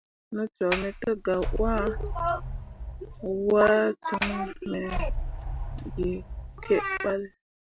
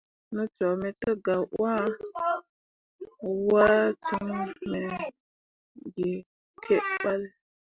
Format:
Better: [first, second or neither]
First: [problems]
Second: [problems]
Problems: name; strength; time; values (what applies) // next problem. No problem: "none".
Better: second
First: background sound (Sliding door); 5 dB below the speech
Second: none